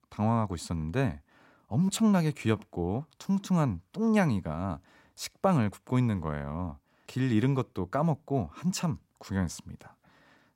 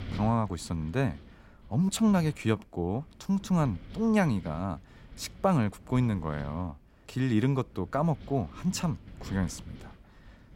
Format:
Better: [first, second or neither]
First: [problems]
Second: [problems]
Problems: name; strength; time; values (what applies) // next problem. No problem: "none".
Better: first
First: none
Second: wind noise on the microphone; occasional gusts; 20 dB below the speech